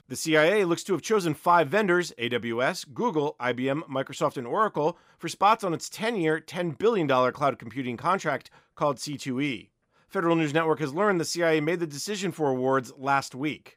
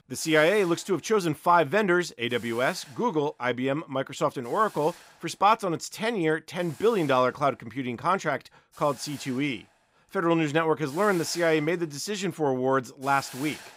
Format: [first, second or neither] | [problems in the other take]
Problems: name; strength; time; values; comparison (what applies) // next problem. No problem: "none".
first | hiss; faint; throughout; 20 dB below the speech